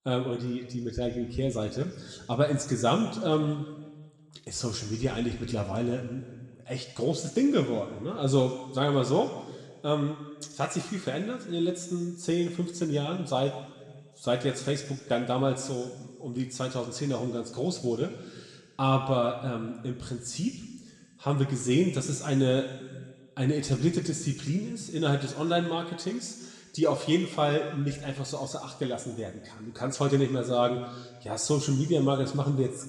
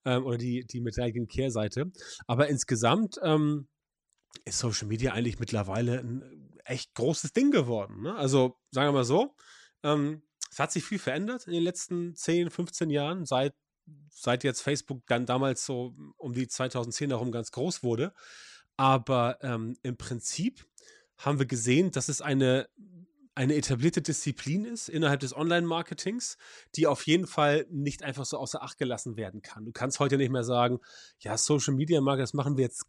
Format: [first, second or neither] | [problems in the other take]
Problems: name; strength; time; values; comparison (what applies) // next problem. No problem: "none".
second | room echo; noticeable; dies away in 1.3 s